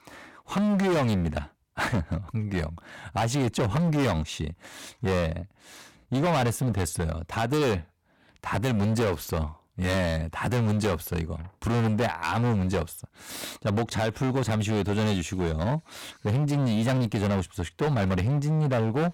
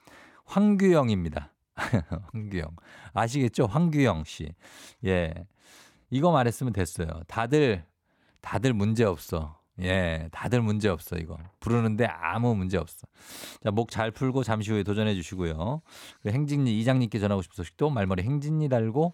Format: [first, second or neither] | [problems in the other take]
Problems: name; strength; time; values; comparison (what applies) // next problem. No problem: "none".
second | distortion; heavy; 21% of the sound clipped